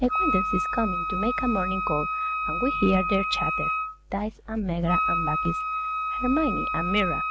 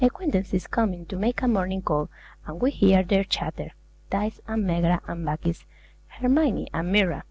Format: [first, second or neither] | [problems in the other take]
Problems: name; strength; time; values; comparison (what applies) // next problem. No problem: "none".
second | background sound (Wind instrument, woodwind instrument); as loud as the speech